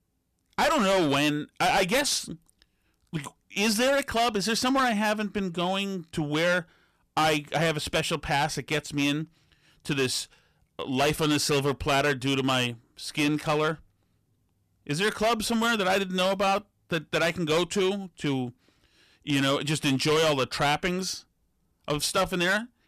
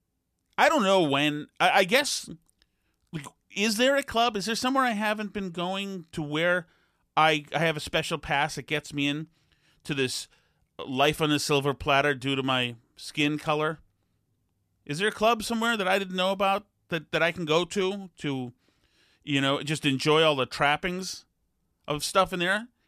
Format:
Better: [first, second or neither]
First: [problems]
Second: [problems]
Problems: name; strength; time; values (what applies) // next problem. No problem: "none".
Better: second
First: distortion; heavy; 10% of the sound clipped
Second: none